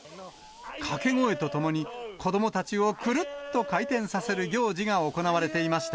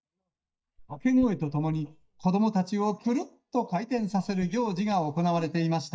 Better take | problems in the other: first | noise reduction (neural mask model DeepFilterNet 3)

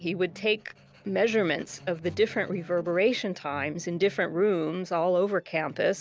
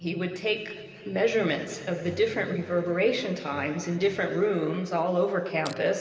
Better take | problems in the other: first | background sound (Crushing); 17 dB below the speech // room echo; dies away in 2.3 s

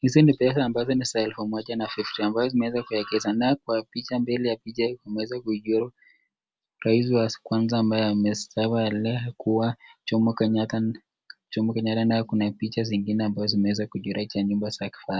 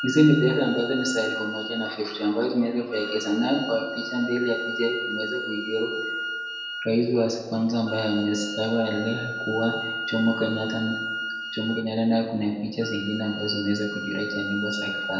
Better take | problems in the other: first | background sound (Wind instrument, woodwind instrument); 7 dB below the speech // room echo; dies away in 1 s

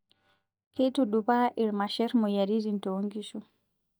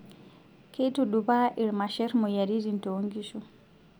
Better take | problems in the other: second | noise reduction (neural mask model DeepFilterNet 3)

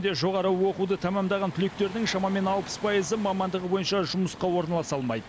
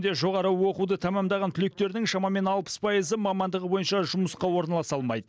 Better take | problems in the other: second | background sound (Waves, surf); 16 dB below the speech

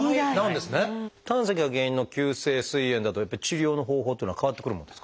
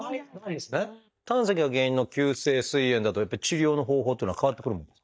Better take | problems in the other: first | noise reduction (neural mask model DeepFilterNet 3)

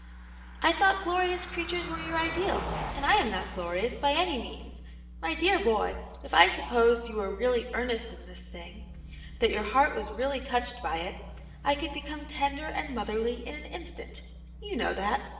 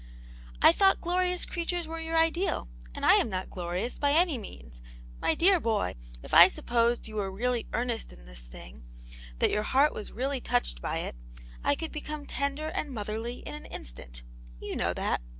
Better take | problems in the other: second | background sound (Car passing by); 16 dB below the speech // room echo; dies away in 1.1 s

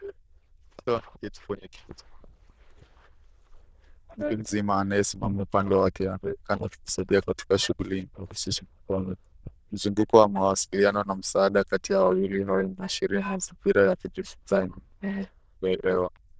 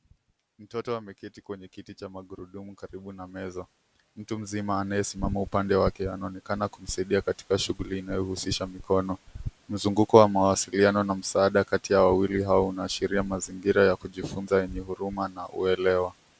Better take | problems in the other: second | noise reduction (neural diffusion model UNIVERSE++)

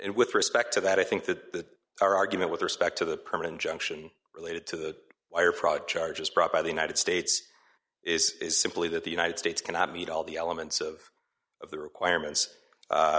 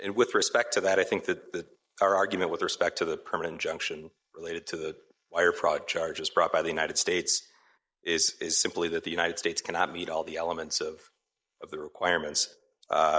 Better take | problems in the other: first | noise reduction (neural mask model Resemble Enhance denoiser)

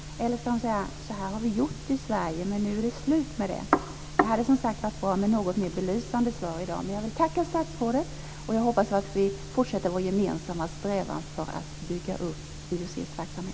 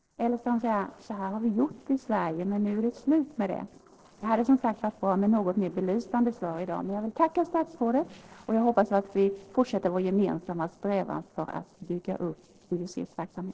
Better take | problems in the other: first | noise reduction (neural separator model SepFormer DNS4)

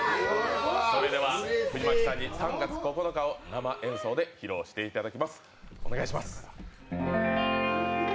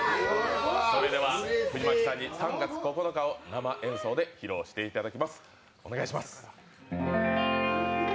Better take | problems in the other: second | background sound (Car); 7 dB below the speech

